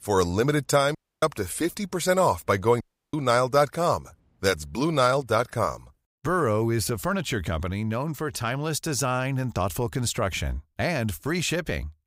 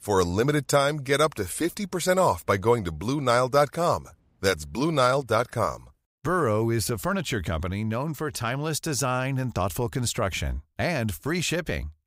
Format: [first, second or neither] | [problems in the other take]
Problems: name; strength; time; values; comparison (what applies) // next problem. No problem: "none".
second | audio cutting out; at 1 s and at 3 s